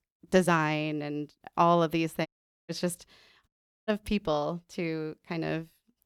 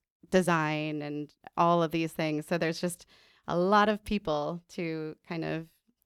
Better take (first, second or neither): second